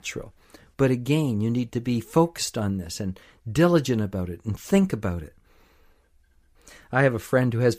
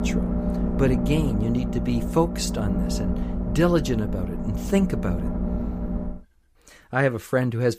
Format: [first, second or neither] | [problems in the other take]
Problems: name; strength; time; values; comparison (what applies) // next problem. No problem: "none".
first | low rumble; loud; until 6 s; 7 dB below the speech